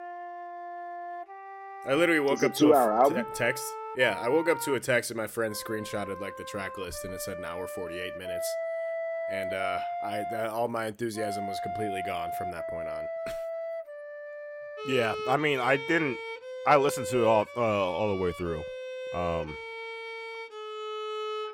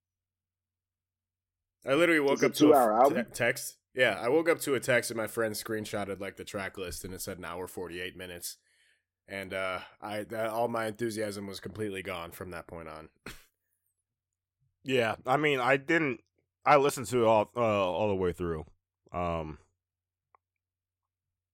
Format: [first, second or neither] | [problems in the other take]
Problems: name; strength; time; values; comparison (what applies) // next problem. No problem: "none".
second | background music; loud; throughout; 8 dB below the speech